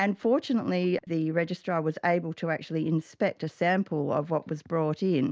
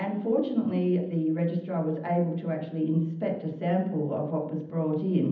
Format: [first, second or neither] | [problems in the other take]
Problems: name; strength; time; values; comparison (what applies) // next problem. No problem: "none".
first | room echo; dies away in 0.8 s